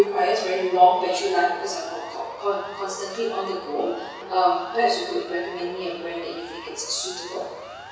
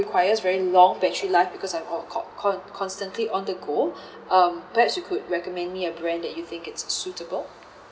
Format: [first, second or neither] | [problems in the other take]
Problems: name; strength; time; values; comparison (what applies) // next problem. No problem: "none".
second | background sound (Siren); 15 dB below the speech // room echo; dies away in 1.1 s